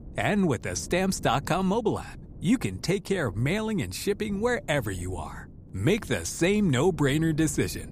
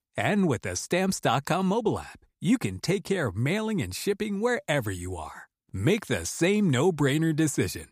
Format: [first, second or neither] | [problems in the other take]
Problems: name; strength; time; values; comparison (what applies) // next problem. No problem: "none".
second | wind noise on the microphone; occasional gusts; 25 dB below the speech